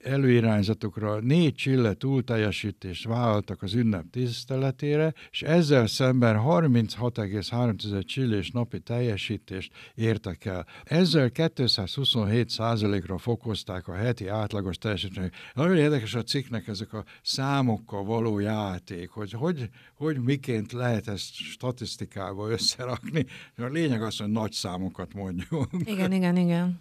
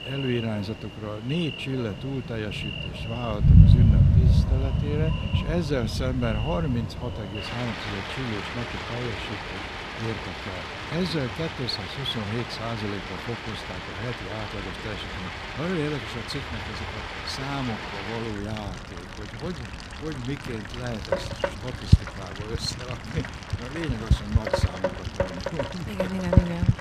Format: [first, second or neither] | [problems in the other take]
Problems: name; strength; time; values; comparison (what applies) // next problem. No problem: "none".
first | rain or running water; very loud; throughout; 5 dB above the speech